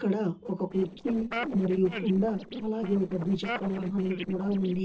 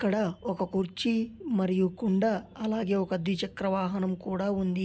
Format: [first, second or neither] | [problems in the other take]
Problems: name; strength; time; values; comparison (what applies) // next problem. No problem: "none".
second | noise reduction (neural separator model SepFormer DNS4)